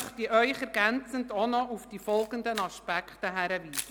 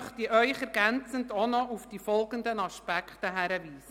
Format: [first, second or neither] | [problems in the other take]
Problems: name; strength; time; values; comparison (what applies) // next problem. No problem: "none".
second | background sound (Camera); 16 dB below the speech